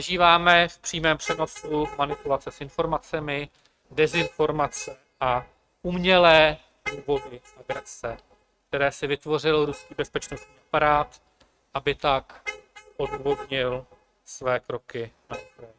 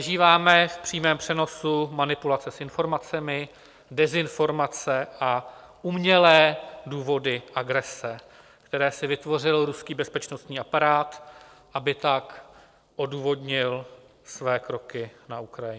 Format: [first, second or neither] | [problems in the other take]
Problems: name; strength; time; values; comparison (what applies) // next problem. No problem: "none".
second | noise reduction (neural mask model RNNoise)